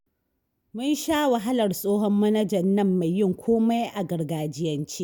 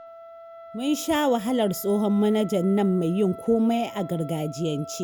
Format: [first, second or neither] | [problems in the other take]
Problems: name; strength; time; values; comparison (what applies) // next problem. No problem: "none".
first | background sound (Wind instrument, woodwind instrument); 17 dB below the speech